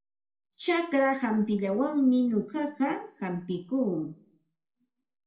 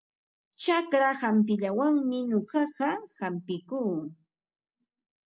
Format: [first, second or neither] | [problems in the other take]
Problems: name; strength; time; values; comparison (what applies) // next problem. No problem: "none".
second | room echo; dies away in 0.3 s